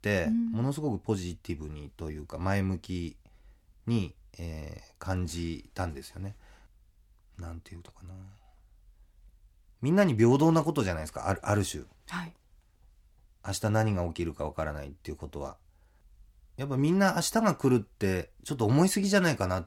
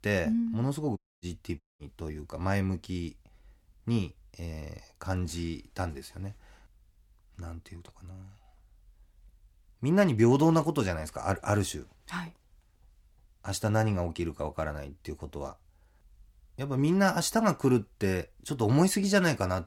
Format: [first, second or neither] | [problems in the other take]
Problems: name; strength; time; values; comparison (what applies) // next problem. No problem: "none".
first | audio cutting out; at 1 s and at 1.5 s